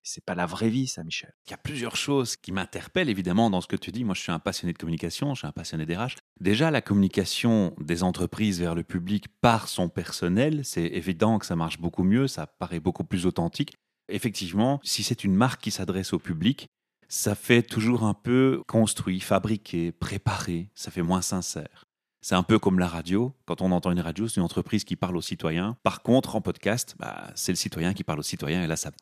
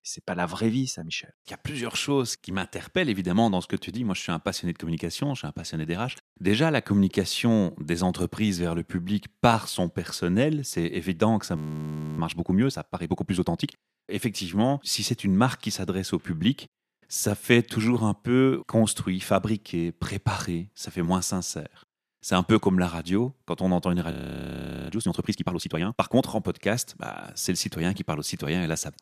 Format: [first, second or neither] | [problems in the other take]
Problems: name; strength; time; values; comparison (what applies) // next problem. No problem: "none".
first | audio freezing; at 12 s for 0.5 s and at 24 s for 1 s